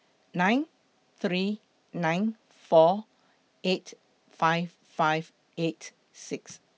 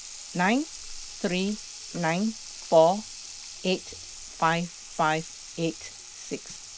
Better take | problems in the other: first | background sound (Sink (filling or washing) / Water tap, faucet); 13 dB below the speech

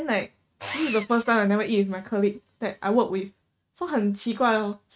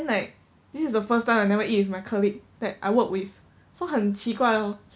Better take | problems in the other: second | noise reduction (neural mask model RNNoise)

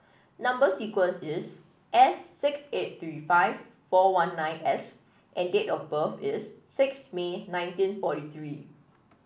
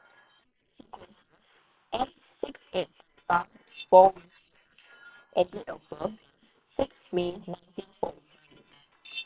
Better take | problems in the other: first | noise reduction (neural separator model SepFormer WHAM!)

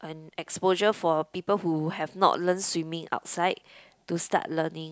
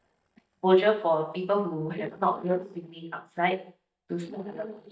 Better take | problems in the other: first | noise reduction (neural mask model DeepFilterNet 3)

